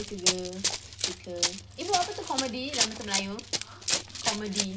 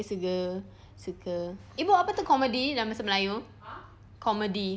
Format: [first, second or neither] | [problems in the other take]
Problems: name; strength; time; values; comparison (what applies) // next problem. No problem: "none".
second | background sound (Run); 3 dB above the speech // room echo; dies away in 0.4 s